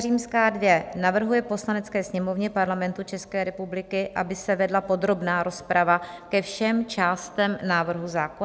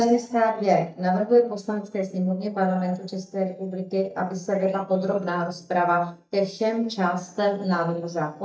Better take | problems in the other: first | noise reduction (neural mask model DeepFilterNet 3)

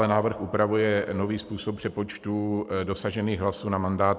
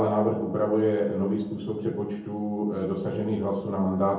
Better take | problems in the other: first | room echo; dies away in 0.7 s

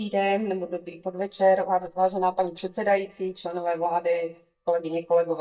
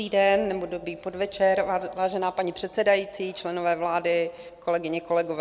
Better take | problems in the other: second | noise reduction (neural mask model DeepFilterNet 3)

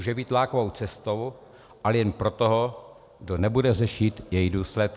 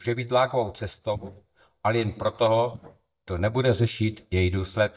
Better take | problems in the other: first | noise reduction (neural mask model DeepFilterNet 3)

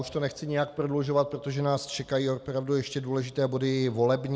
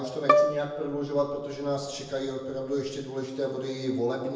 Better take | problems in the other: first | background sound (Bowed string instrument); 1 dB above the speech // room echo; dies away in 0.9 s

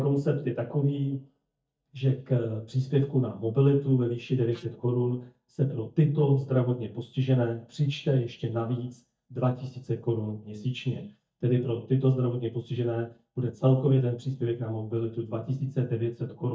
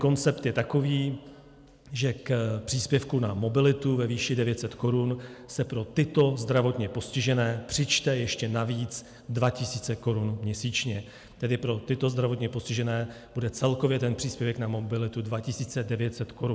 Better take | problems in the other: second | noise reduction (neural mask model DeepFilterNet 3)

